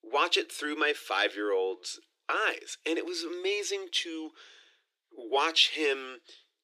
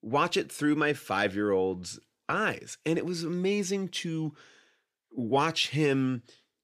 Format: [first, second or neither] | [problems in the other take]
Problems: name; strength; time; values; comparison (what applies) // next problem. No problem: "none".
second | thin; very; fading below 300 Hz